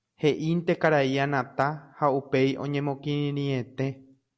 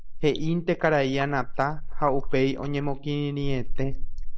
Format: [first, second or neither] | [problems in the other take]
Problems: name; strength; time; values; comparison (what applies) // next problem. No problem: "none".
first | noise reduction (neural mask model Resemble Enhance denoiser)